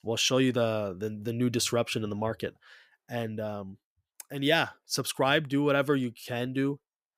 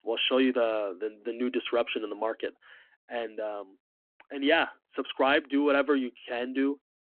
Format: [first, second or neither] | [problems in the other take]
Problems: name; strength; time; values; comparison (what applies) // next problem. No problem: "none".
first | phone-call audio